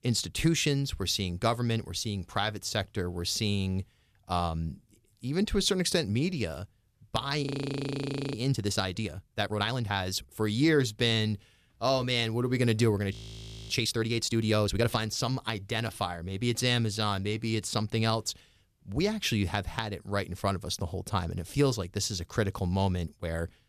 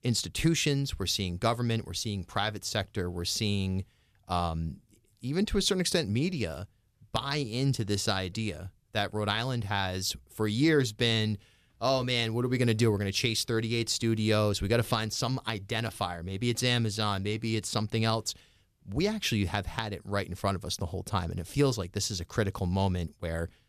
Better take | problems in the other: second | audio freezing; at 7.5 s for 1 s and at 13 s for 0.5 s

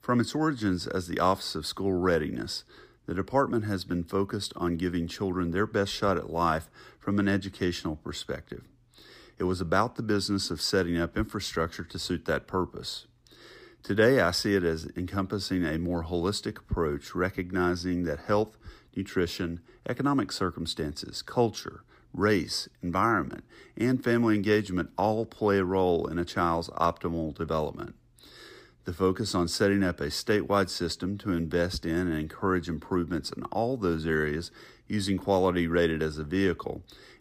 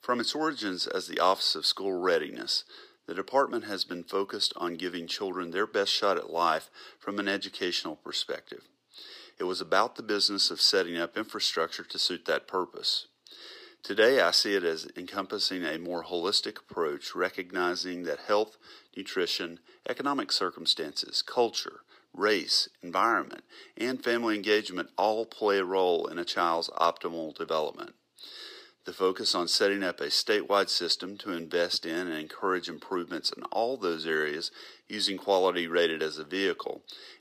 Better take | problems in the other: first | thin; somewhat; fading below 450 Hz

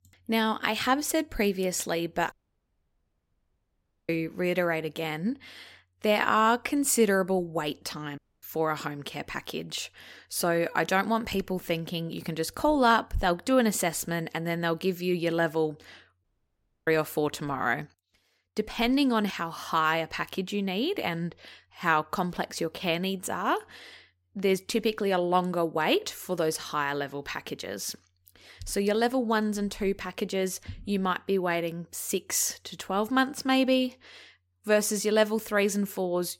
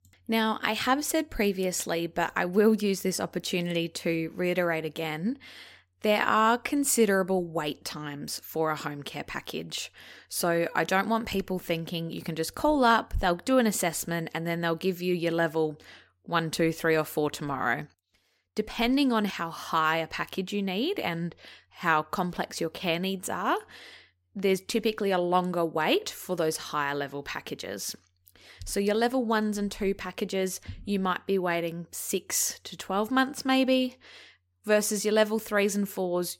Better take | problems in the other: second | audio cutting out; at 2.5 s for 2 s, at 8 s and at 16 s for 0.5 s

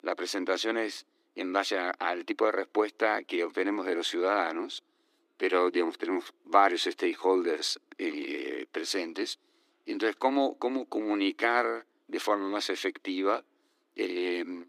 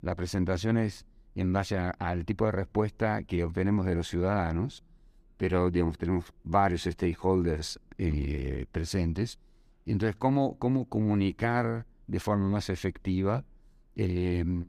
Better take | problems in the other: second | thin; somewhat; fading below 300 Hz

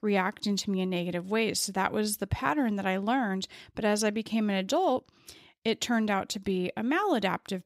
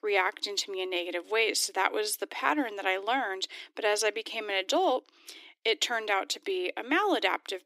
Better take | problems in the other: first | thin; somewhat; fading below 300 Hz

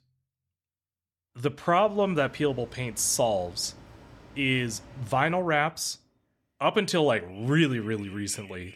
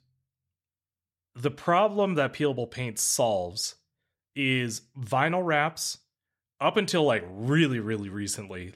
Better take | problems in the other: second | animal sounds; faint; from 2 s on; 25 dB below the speech

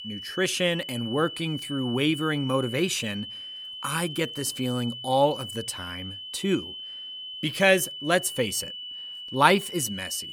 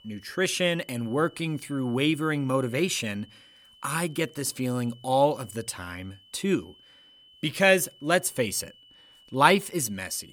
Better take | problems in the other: second | high-pitched whine; loud; throughout; 3 kHz, 9 dB below the speech; faint in the second

